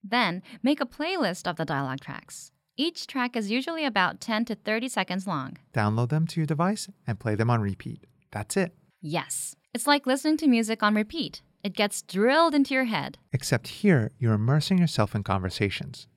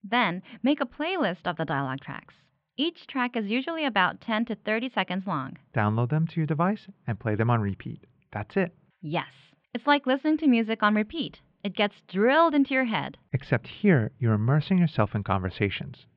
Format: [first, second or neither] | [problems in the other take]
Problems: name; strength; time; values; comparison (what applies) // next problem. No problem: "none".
first | muffled; very; fading above 3.5 kHz